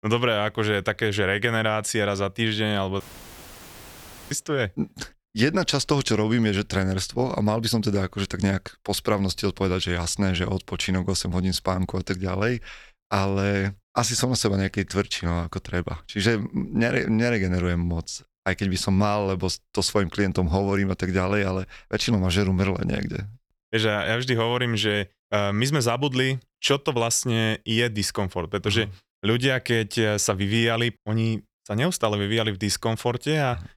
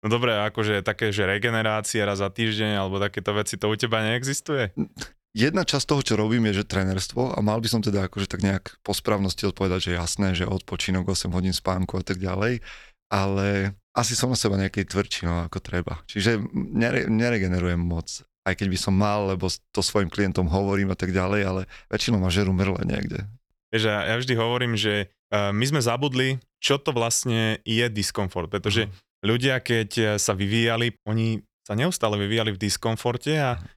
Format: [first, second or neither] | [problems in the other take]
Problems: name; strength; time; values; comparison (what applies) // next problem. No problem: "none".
second | audio cutting out; filled with static; at 3 s for 1.5 s